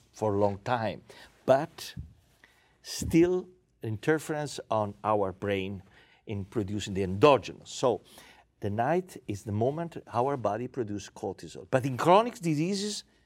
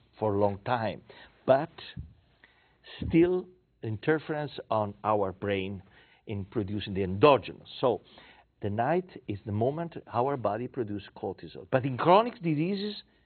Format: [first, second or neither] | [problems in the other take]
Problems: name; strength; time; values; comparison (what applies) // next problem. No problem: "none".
first | garbled, watery; badly; nothing above 4 kHz